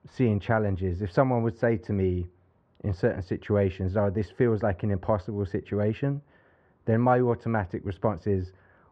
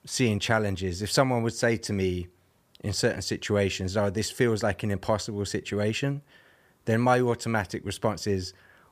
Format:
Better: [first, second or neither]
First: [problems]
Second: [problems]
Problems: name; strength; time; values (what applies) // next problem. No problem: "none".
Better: second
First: muffled; very; fading above 1.5 kHz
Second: none